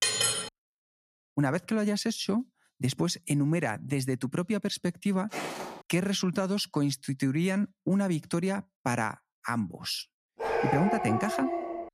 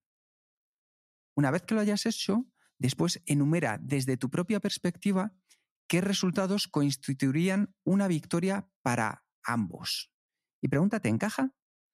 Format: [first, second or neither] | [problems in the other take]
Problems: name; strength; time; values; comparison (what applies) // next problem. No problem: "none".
second | clattering dishes; loud; at the start; peak 6 dB above the speech // footsteps; noticeable; at 5.5 s; peak 5 dB below the speech // dog barking; loud; from 10 s on; peak 1 dB above the speech